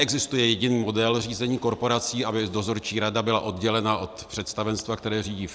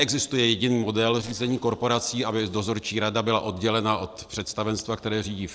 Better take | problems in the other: first | noise reduction (neural separator model SepFormer DNS4)

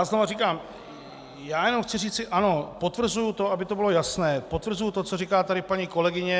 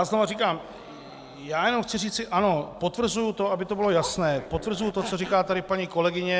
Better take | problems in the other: first | background sound (Zipper (clothing)); 14 dB below the speech

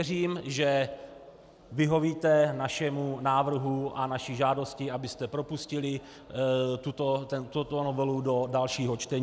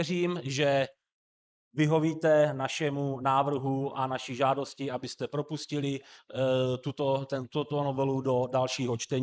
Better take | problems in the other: first | noise reduction (neural mask model Resemble Enhance denoiser)

